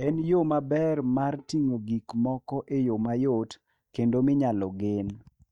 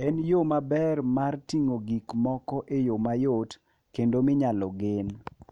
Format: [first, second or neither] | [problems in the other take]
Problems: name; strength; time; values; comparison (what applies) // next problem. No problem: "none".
second | noise reduction (neural mask model DeepFilterNet 3)